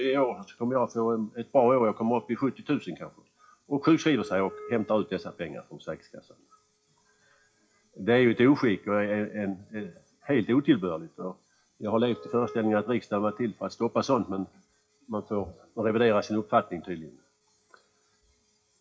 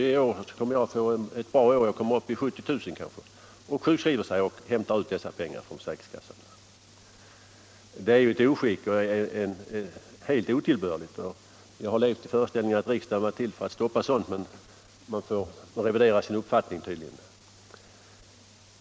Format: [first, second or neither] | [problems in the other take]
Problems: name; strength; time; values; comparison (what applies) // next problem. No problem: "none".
second | noise reduction (classical method WPE with log-MMSE)